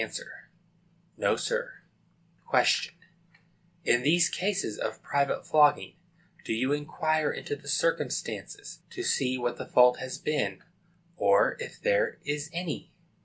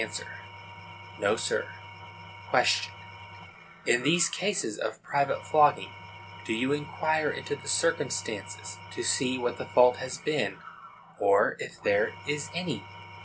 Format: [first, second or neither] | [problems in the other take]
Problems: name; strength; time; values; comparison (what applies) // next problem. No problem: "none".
first | background sound (Engine / Tools); 16 dB below the speech